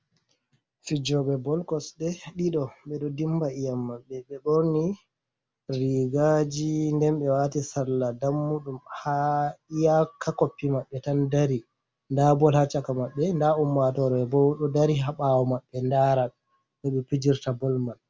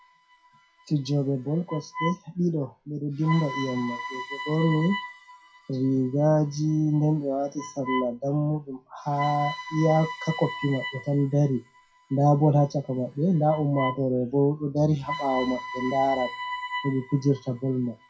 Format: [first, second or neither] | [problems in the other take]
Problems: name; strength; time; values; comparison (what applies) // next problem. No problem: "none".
first | noise reduction (classical method WPE with log-MMSE)